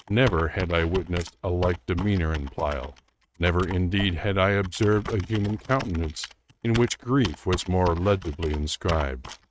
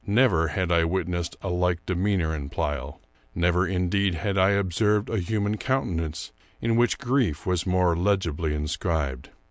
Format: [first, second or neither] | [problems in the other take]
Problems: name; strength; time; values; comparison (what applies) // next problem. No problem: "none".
second | noise reduction (neural mask model RNNoise)